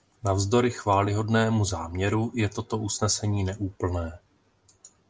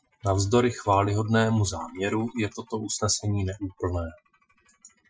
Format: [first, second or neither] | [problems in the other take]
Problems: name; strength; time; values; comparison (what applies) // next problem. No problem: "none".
first | noise reduction (classical method Wiener filter)